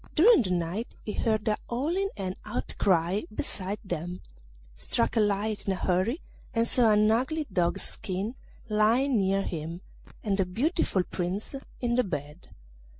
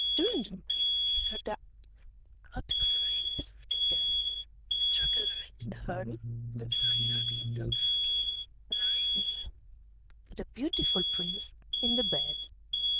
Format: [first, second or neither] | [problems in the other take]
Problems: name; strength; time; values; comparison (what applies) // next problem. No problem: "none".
first | noise reduction (neural diffusion model UNIVERSE++)